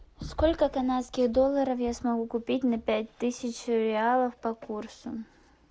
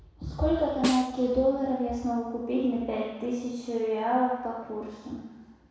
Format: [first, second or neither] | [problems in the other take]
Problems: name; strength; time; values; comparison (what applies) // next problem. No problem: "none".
first | background sound (Snare drum); 9 dB below the speech // room echo; dies away in 1.1 s